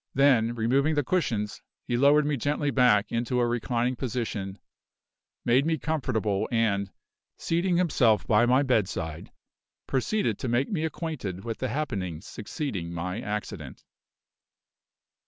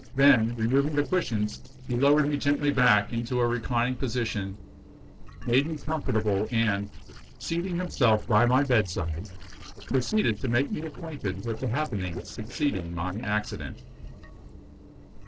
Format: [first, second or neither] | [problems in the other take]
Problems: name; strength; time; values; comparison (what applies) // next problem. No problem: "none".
first | noise reduction (neural separator model SepFormer DNS4)